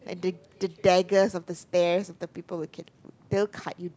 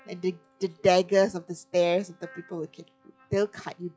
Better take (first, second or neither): first